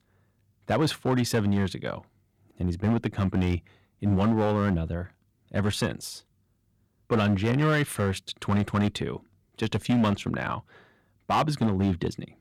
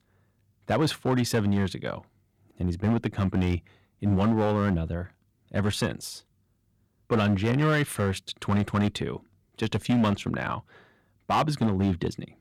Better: neither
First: distortion; slight; 6% of the sound clipped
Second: distortion; slight; 6% of the sound clipped

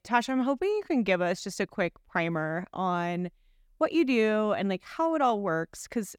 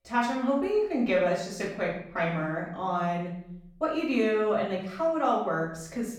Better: first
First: none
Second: off-mic speech; far // room echo; noticeable; dies away in 0.6 s

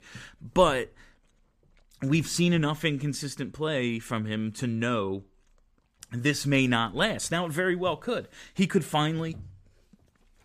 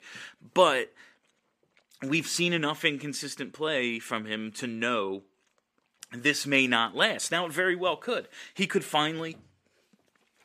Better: first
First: none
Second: thin; very slightly; fading below 300 Hz

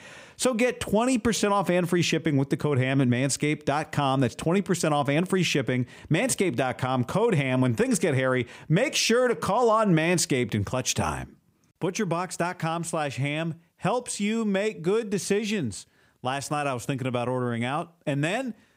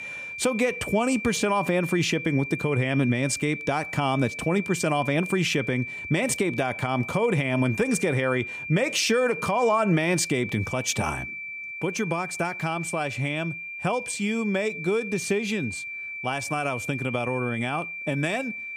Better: first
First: none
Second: high-pitched whine; loud; throughout; 2.5 kHz, 7 dB below the speech

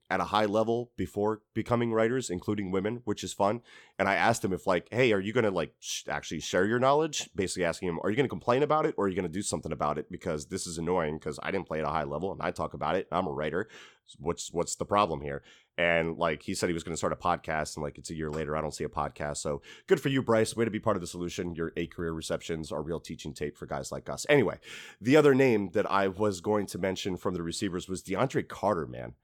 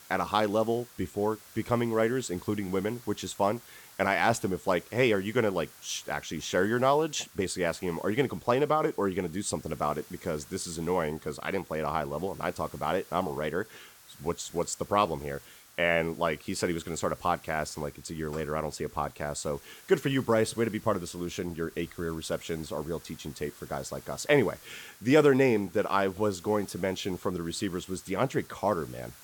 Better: first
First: none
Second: hiss; faint; throughout; 20 dB below the speech

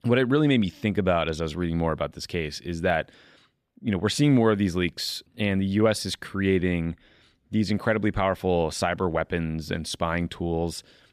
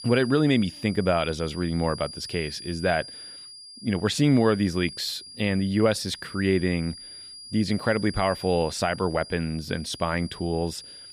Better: first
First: none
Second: high-pitched whine; noticeable; throughout; 5 kHz, 15 dB below the speech

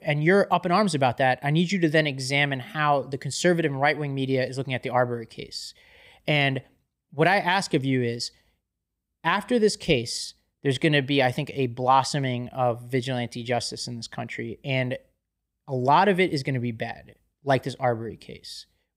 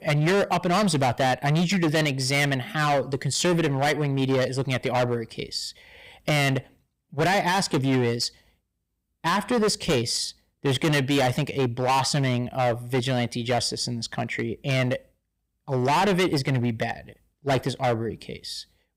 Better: first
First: none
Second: distortion; heavy; 15% of the sound clipped

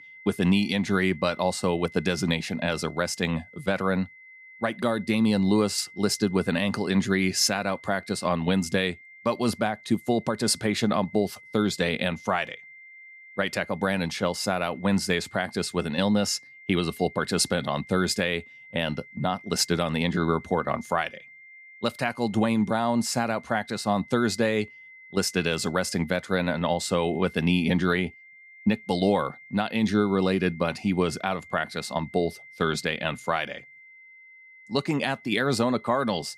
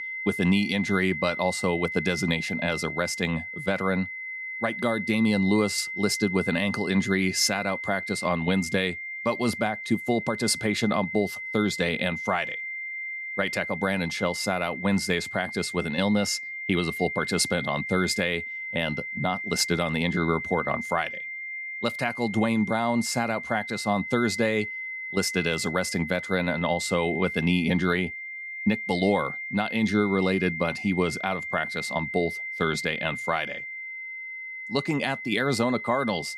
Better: first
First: high-pitched whine; faint; throughout; 2 kHz, 20 dB below the speech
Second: high-pitched whine; loud; throughout; 2 kHz, 6 dB below the speech

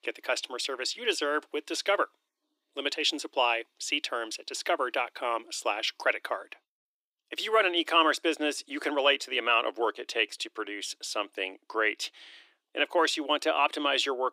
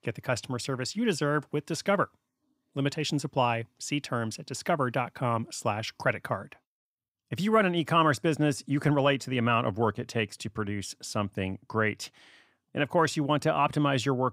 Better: second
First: thin; very; fading below 300 Hz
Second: none

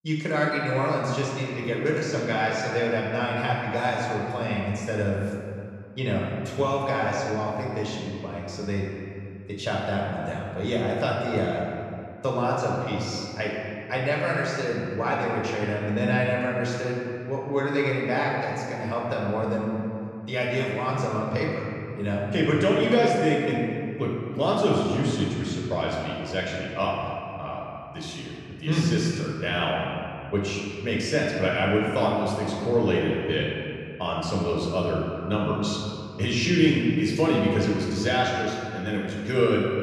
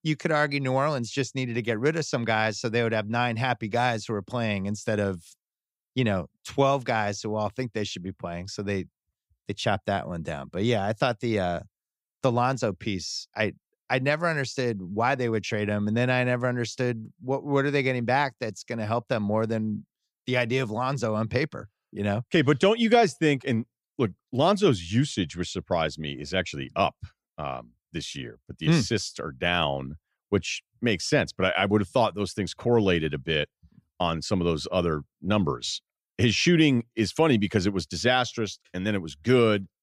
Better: second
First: off-mic speech; far // room echo; noticeable; dies away in 2.1 s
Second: none

